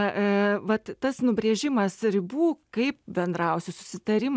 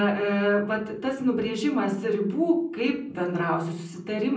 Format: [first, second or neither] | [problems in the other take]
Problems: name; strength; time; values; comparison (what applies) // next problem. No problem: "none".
first | room echo; dies away in 0.6 s